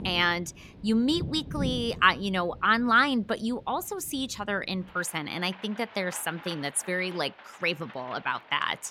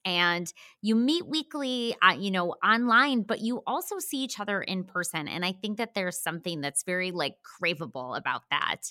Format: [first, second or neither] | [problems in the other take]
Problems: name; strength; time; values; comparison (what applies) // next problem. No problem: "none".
second | rain or running water; noticeable; throughout; 15 dB below the speech